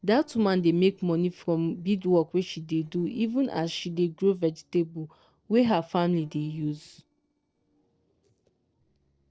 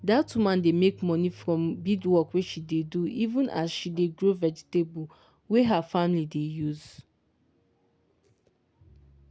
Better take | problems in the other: second | noise reduction (neural separator model SepFormer DNS4)

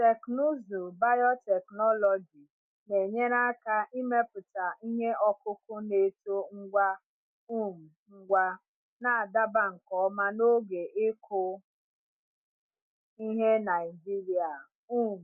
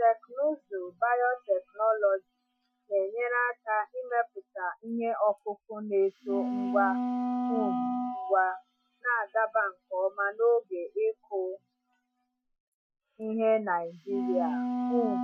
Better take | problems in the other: first | noise reduction (classical method Wiener filter)

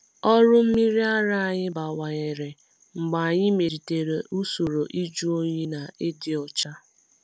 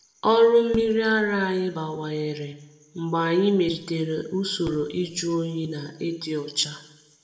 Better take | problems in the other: first | room echo; dies away in 0.7 s

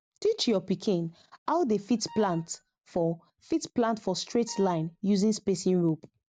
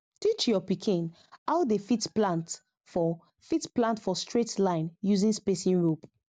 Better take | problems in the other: second | background sound (Wind instrument, woodwind instrument); 20 dB below the speech

